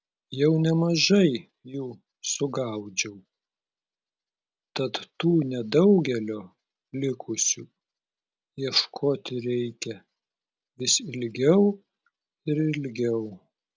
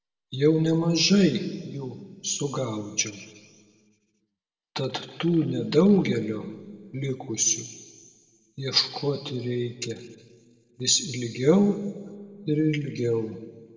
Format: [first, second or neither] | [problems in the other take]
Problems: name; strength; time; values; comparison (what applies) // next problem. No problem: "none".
first | room echo; dies away in 1.5 s